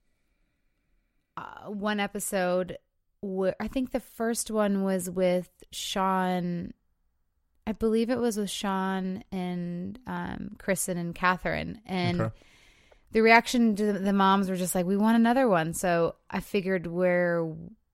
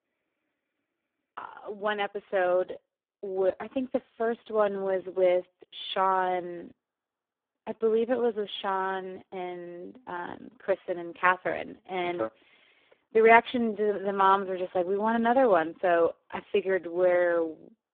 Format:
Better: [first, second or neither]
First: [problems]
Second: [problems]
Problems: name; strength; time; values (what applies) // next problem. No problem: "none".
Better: first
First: none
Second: phone-call audio; poor line; nothing above 3.5 kHz